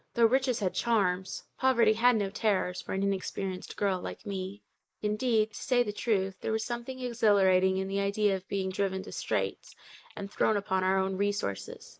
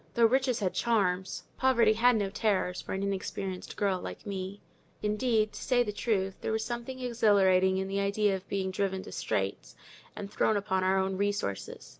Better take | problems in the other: second | noise reduction (neural mask model Resemble Enhance denoiser)

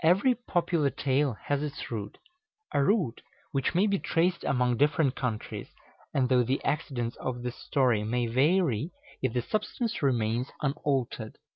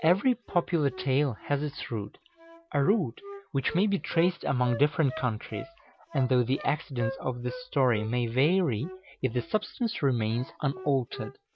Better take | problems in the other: first | background sound (Wind instrument, woodwind instrument); 16 dB below the speech

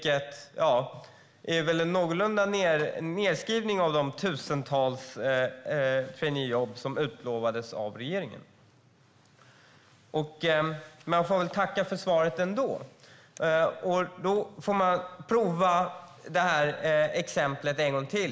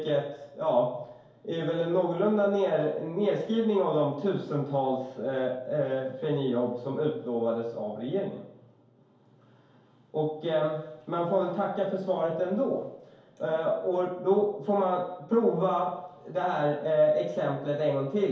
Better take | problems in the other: first | room echo; dies away in 2.4 s

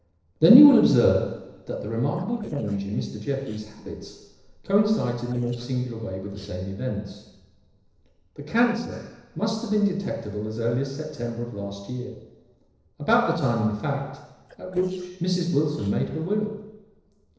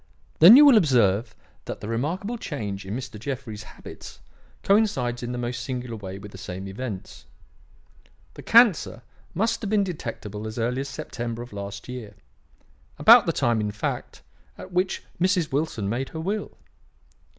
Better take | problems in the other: second | noise reduction (neural separator model SepFormer DNS4)

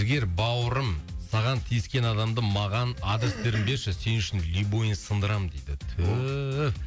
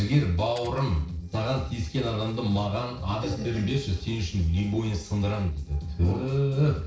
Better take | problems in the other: first | noise reduction (neural separator model SepFormer DNS4)

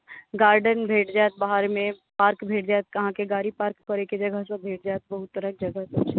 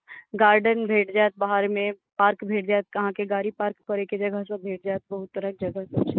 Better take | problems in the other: first | noise reduction (neural mask model Resemble Enhance denoiser)

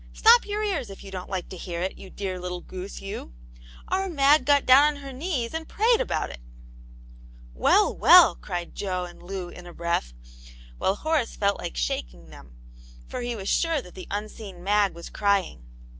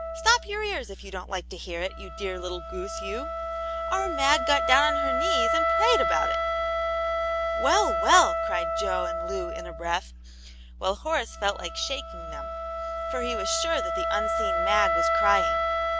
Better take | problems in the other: first | background sound (Wind instrument, woodwind instrument); 1 dB above the speech

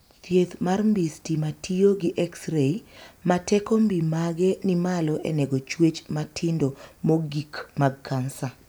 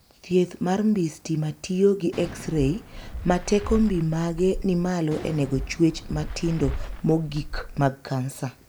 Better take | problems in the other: first | background sound (Fireworks); 9 dB below the speech

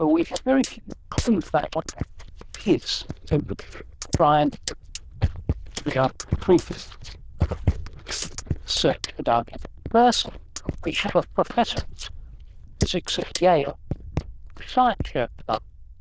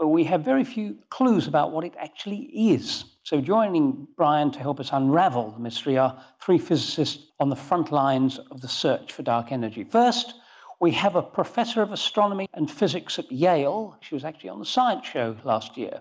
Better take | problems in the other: second | noise reduction (neural diffusion model UNIVERSE++)

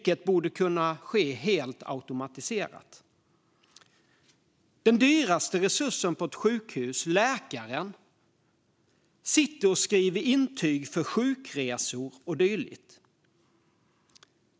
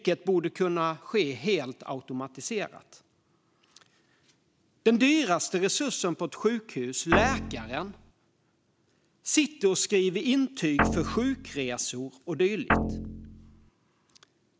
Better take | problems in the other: first | background sound (Guitar); 1 dB below the speech

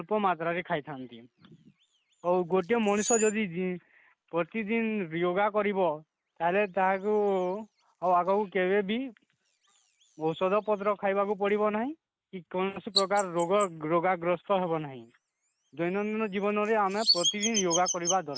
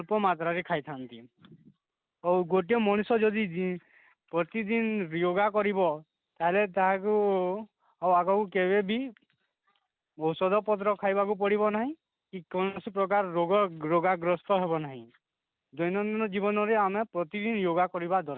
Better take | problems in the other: second | noise reduction (neural mask model Resemble Enhance denoiser)

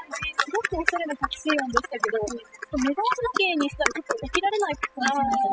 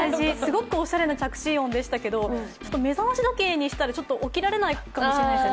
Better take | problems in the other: second | noise reduction (classical method spectral subtraction)

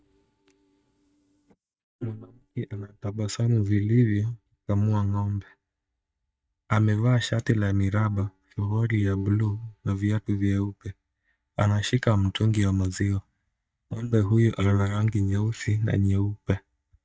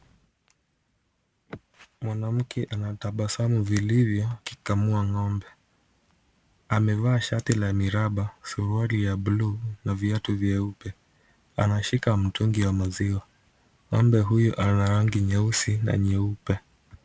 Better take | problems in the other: second | noise reduction (neural mask model DeepFilterNet 3)

